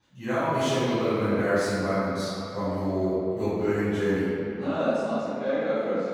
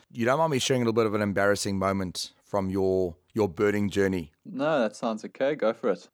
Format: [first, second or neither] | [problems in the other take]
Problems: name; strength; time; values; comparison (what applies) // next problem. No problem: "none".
second | off-mic speech; far // room echo; strong; dies away in 2.5 s